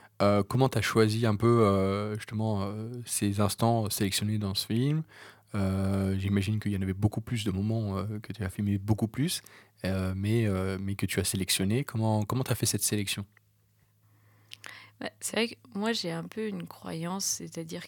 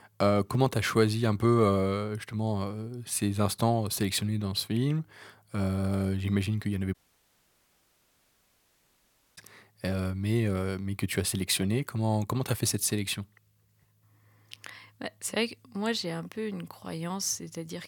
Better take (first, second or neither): first